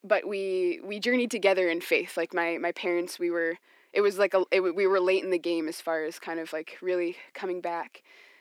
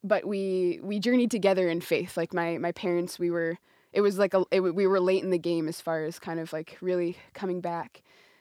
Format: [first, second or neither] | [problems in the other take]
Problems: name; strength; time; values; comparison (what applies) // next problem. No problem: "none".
second | thin; somewhat; fading below 250 Hz